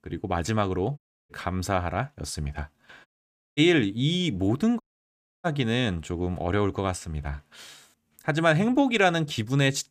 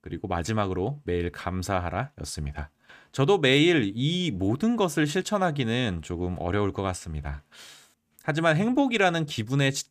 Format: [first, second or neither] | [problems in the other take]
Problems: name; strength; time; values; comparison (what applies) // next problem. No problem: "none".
second | audio cutting out; at 1 s, at 3 s for 0.5 s and at 5 s for 0.5 s